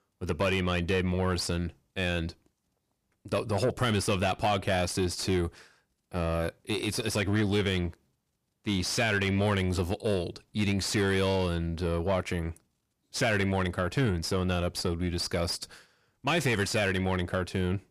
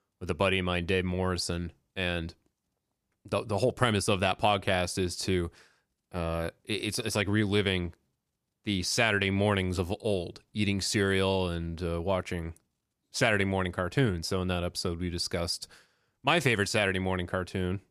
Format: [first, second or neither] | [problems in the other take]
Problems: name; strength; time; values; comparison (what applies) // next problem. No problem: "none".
second | distortion; slight; 10 dB below the speech